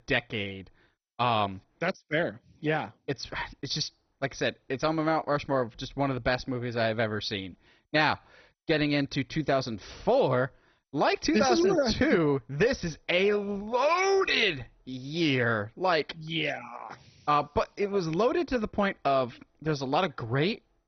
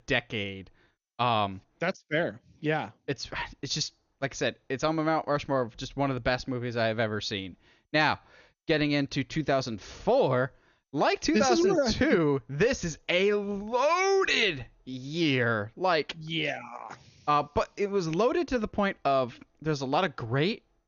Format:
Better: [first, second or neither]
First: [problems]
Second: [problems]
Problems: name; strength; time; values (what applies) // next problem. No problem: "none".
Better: second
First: garbled, watery; badly; nothing above 6 kHz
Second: garbled, watery; slightly; nothing above 6.5 kHz